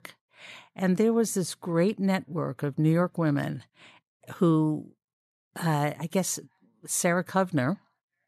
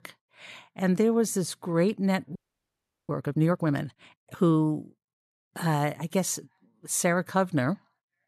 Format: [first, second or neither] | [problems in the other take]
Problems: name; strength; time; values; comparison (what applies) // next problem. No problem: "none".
first | audio freezing; at 2.5 s for 0.5 s